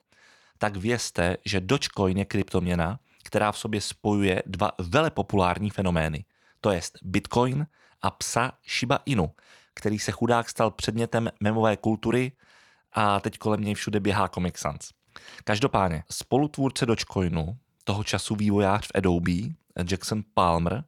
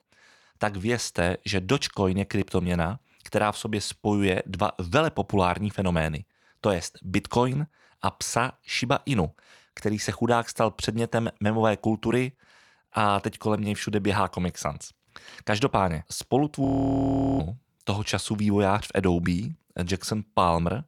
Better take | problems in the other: first | audio freezing; at 17 s for 0.5 s

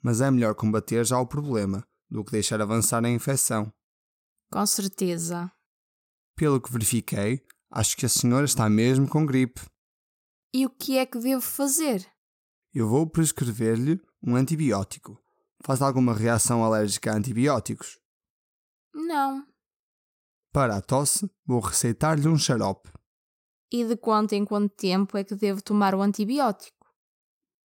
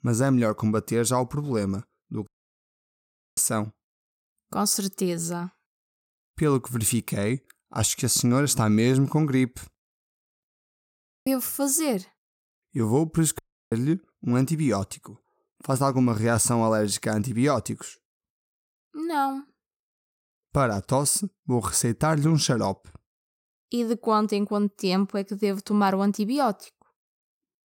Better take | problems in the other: first | audio cutting out; at 2.5 s for 1 s, at 10 s for 1 s and at 13 s

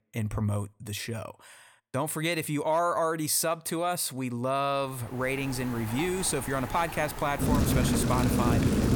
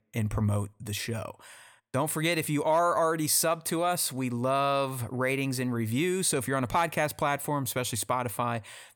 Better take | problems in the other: second | rain or running water; very loud; from 5.5 s on; as loud as the speech

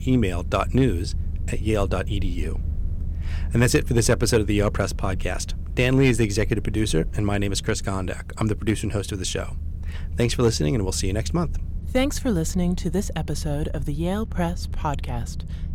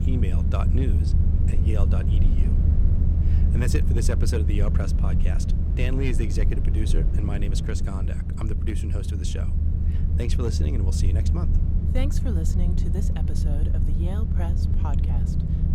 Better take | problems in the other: first | low rumble; loud; throughout; 2 dB below the speech; faint in the first

